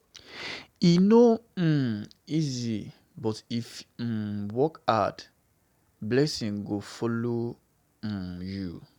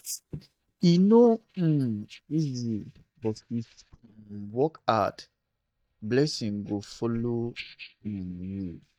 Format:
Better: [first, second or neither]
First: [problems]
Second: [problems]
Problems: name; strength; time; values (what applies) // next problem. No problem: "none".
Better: first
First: none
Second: noise reduction (neural mask model DeepFilterNet 3)